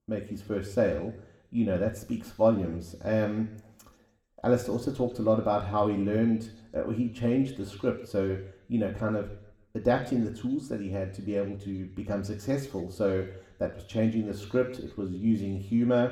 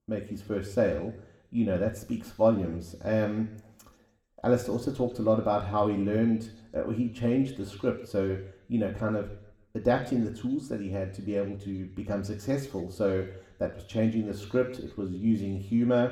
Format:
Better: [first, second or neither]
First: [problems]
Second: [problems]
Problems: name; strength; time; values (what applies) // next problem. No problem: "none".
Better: neither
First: room echo; slight; dies away in 0.7 s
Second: room echo; slight; dies away in 0.7 s